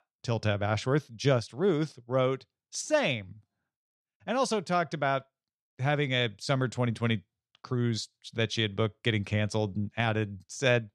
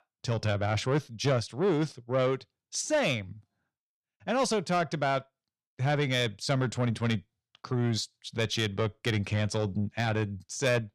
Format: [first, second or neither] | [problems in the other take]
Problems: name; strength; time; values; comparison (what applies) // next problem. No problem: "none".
first | distortion; slight; 10 dB below the speech